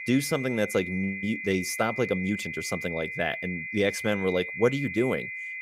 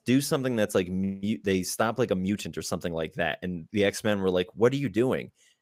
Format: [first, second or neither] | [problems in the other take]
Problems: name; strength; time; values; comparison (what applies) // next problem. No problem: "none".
second | high-pitched whine; loud; throughout; 2 kHz, 6 dB below the speech